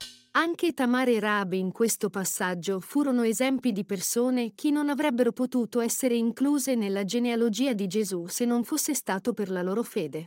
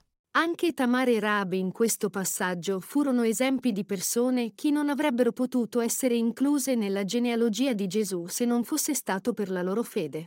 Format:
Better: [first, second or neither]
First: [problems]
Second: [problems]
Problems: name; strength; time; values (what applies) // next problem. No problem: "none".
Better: second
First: clattering dishes; faint; at the start; peak 15 dB below the speech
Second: none